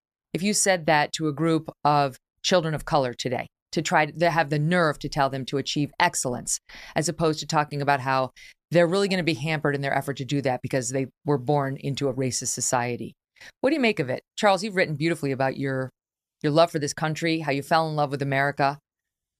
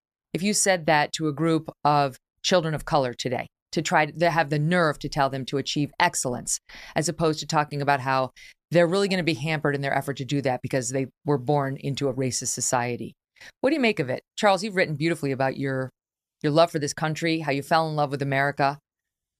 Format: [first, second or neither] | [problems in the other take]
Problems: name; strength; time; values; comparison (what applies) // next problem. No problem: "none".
neither | none